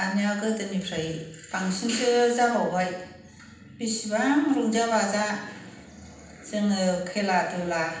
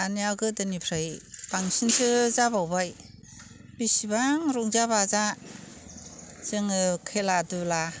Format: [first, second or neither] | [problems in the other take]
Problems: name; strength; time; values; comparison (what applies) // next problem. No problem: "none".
second | room echo; dies away in 0.9 s